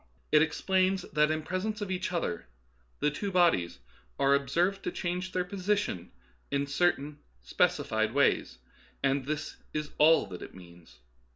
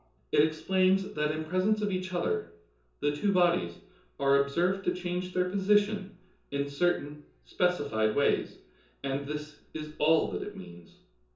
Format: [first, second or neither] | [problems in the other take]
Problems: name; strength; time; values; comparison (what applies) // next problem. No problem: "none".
first | room echo; dies away in 0.6 s